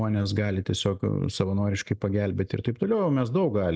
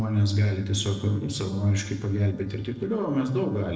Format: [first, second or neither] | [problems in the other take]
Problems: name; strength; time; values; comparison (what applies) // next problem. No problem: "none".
first | noise reduction (neural separator model SepFormer DNS4)